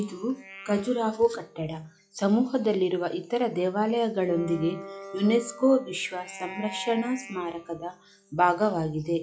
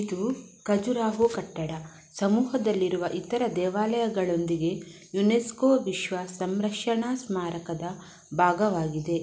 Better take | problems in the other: second | noise reduction (classical method log-MMSE)

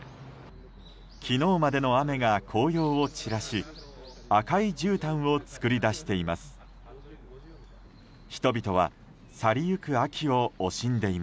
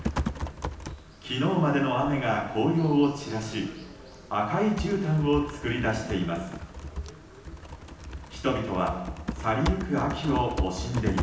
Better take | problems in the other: first | background sound (Typing); 8 dB below the speech // room echo; dies away in 0.9 s

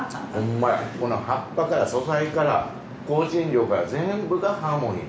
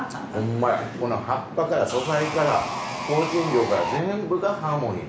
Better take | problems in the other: first | background sound (Sawing); 6 dB below the speech

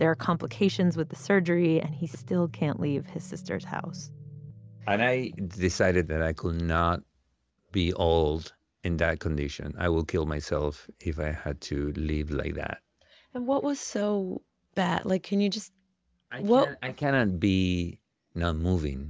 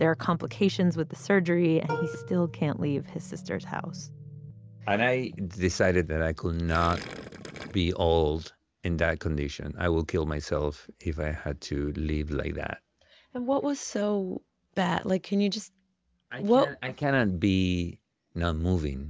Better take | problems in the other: first | background sound (Gurgling + Plucked string instrument); 11 dB below the speech

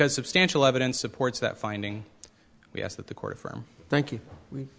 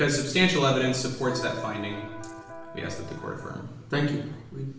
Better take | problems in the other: first | background sound (Electric guitar); 12 dB below the speech // room echo; dies away in 0.9 s

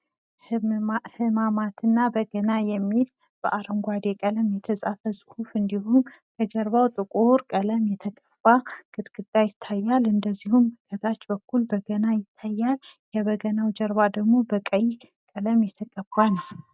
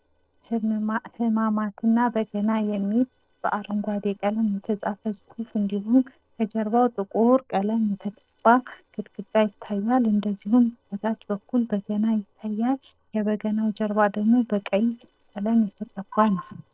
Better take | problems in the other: first | noise reduction (neural separator model SepFormer DNS4)

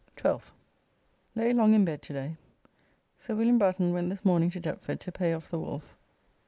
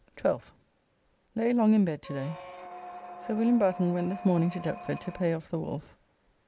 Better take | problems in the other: first | background sound (Squeak); 13 dB below the speech

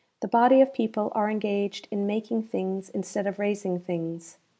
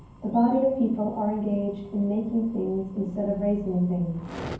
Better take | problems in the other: first | background sound (Fire); 17 dB below the speech // room echo; dies away in 0.9 s

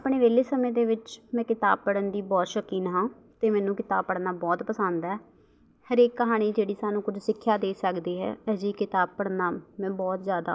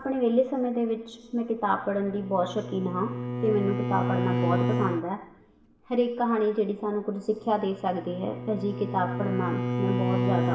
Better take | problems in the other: first | background sound (Bowed string instrument); 3 dB below the speech // room echo; dies away in 0.8 s

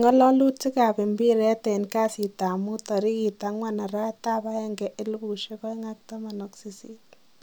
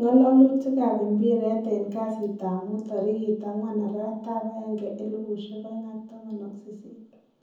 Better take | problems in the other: first | room echo; dies away in 0.7 s

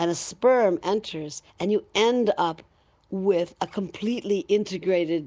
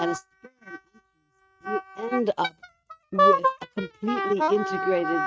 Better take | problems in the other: first | noise reduction (neural mask model RNNoise)

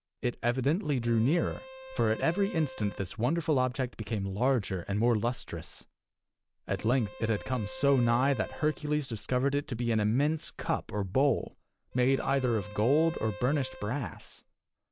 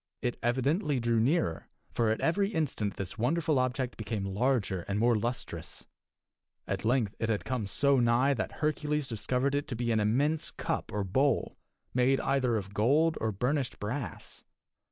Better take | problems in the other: second | background sound (Bowed string instrument); 18 dB below the speech

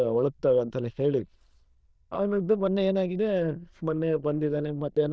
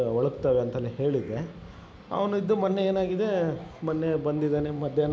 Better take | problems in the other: second | noise reduction (neural diffusion model UNIVERSE++)

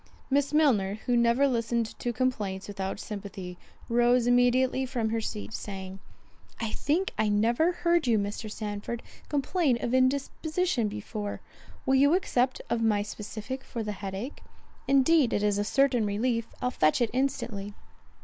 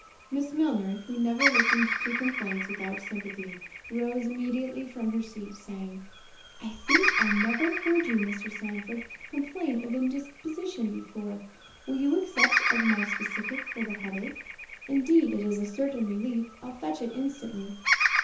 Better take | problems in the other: first | background sound (Bird vocalization, bird call, bird song); 2 dB below the speech // room echo; dies away in 0.6 s

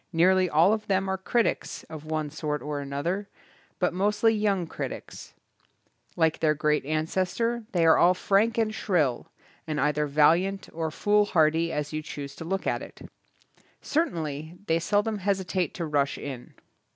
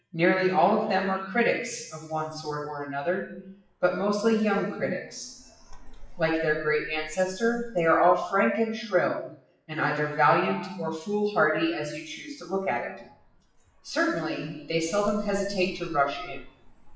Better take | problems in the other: first | noise reduction (classical method WPE with log-MMSE)

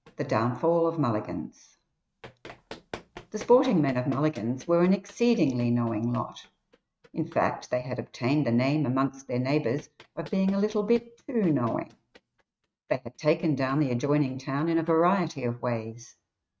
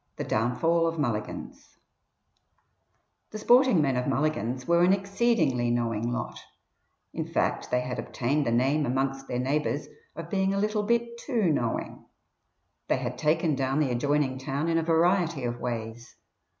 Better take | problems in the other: second | noise reduction (neural mask model RNNoise)

